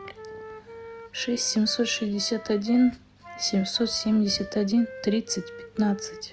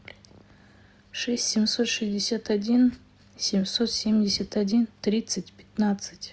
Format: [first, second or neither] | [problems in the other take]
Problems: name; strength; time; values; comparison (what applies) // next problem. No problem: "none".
second | background sound (Wind instrument, woodwind instrument); 16 dB below the speech